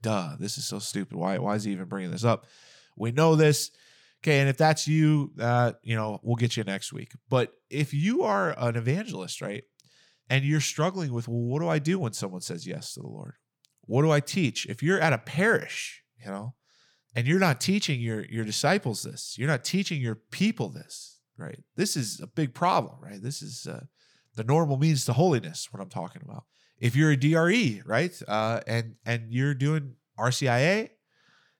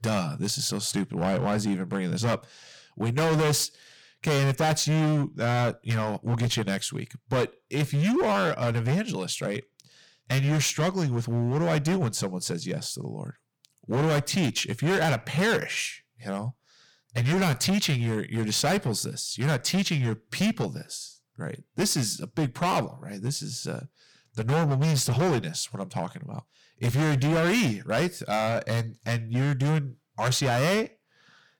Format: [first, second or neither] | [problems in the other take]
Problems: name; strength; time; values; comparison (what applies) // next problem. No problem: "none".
first | distortion; heavy; 16% of the sound clipped